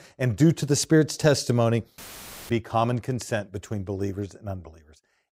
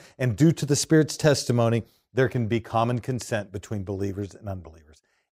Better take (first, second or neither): second